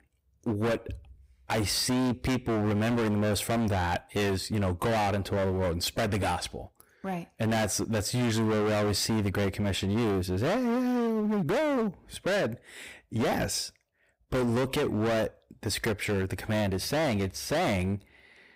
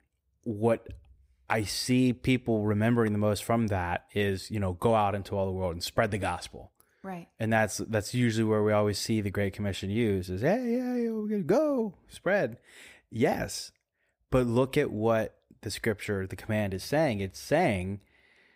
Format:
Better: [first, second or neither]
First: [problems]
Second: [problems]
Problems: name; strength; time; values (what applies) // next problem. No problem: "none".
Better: second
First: distortion; heavy; 28% of the sound clipped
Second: none